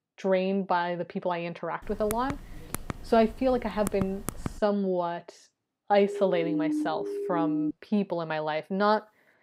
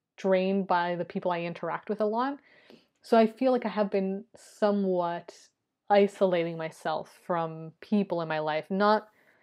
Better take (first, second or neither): second